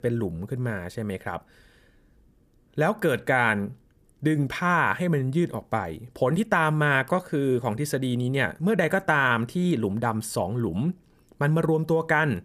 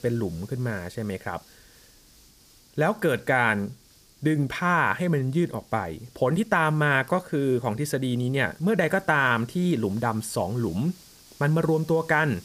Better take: first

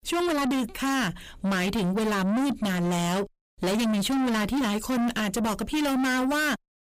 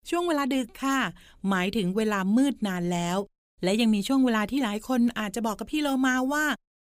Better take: second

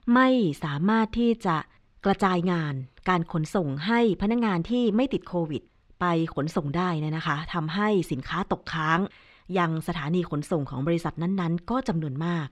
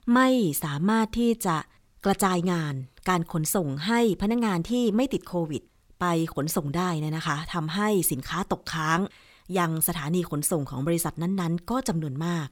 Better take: second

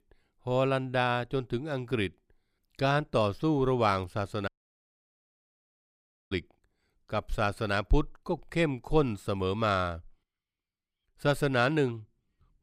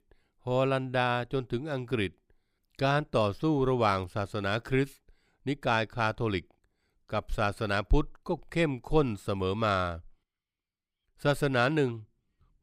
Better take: second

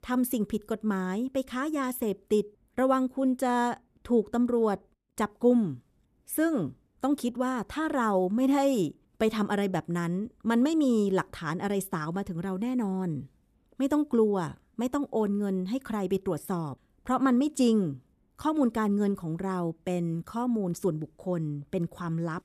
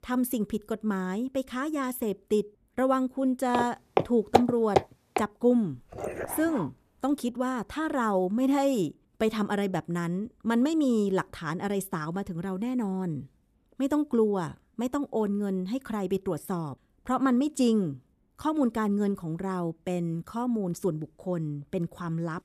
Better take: first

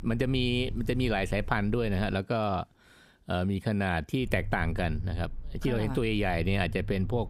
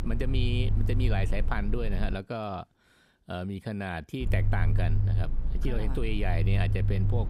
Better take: first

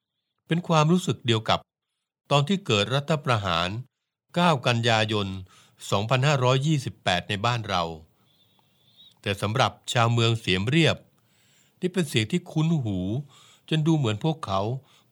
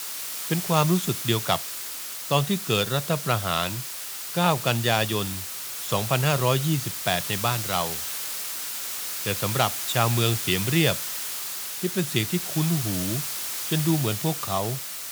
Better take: first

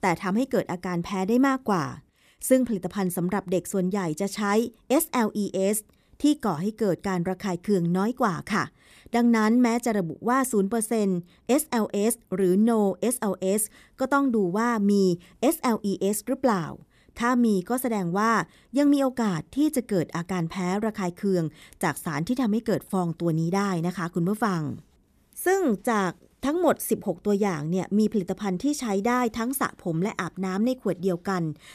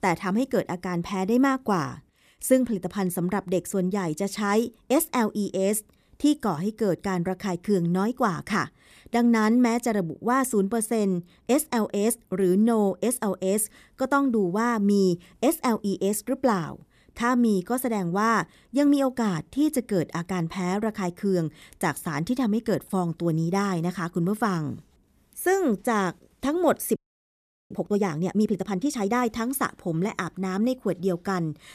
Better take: first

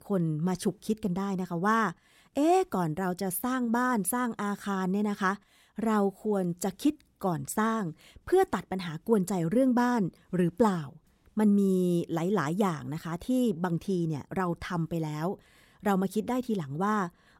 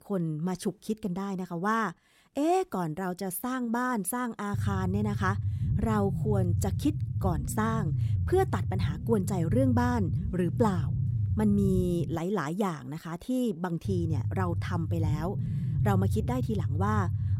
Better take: first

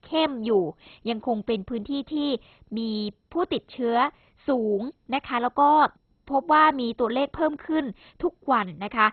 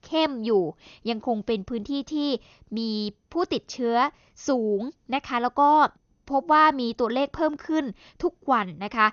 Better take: second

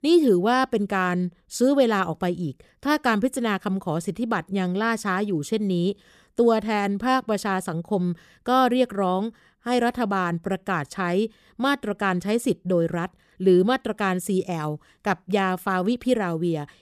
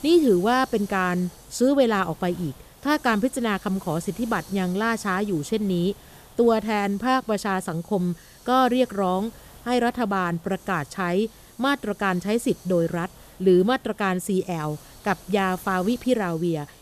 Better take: first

